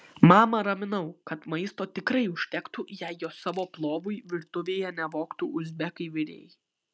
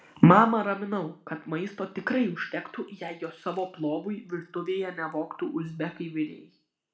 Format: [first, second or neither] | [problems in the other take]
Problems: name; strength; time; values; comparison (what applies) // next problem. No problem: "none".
first | room echo; dies away in 0.4 s